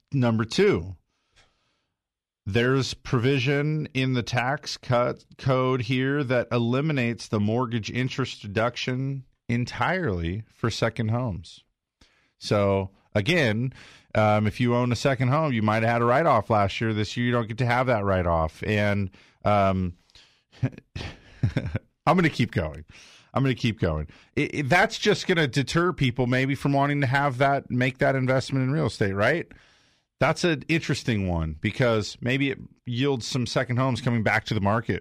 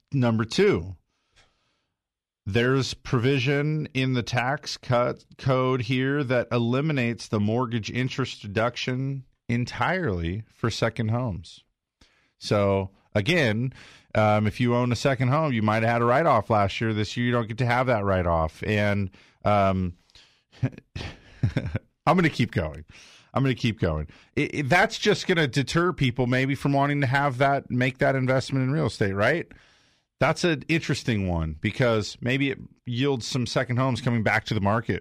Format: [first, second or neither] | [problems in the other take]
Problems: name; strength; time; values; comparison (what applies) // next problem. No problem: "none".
neither | none